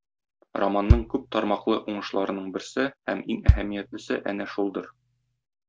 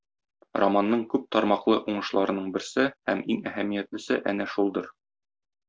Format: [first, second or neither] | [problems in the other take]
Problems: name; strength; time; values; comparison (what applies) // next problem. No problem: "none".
second | background sound (Bass drum); 2 dB above the speech